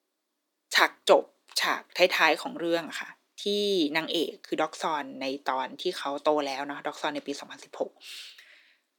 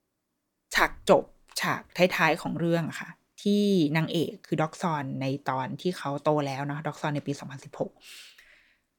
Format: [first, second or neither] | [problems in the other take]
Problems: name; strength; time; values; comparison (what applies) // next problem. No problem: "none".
second | thin; somewhat; fading below 300 Hz